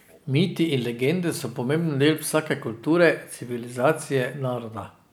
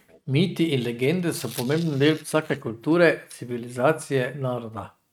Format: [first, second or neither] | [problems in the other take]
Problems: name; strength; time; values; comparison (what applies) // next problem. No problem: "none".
first | noise reduction (neural mask model RNNoise)